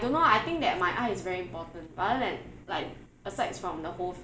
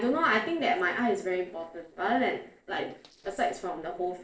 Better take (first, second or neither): first